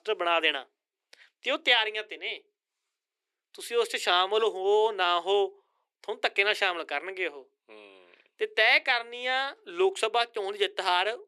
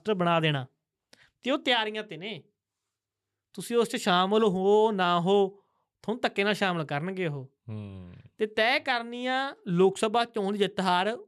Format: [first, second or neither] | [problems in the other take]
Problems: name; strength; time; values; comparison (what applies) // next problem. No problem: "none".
second | thin; very; fading below 350 Hz